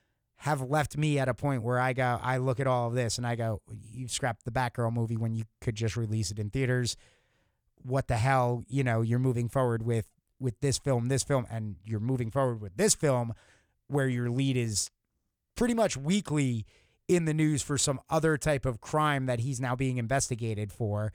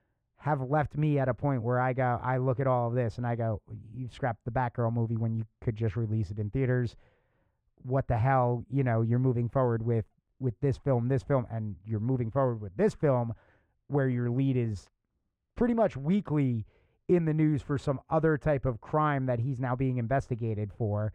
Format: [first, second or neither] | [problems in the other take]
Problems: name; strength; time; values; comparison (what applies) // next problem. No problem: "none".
first | muffled; very; fading above 3.5 kHz